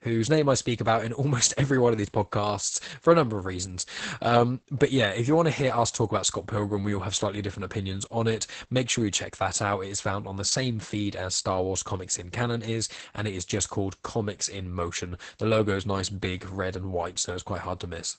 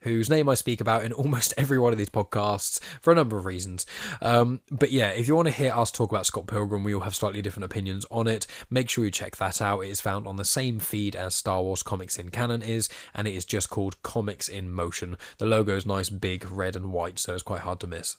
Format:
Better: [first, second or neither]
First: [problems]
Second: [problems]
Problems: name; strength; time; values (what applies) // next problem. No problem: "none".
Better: second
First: garbled, watery; badly; nothing above 8 kHz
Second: garbled, watery; slightly; nothing above 15.5 kHz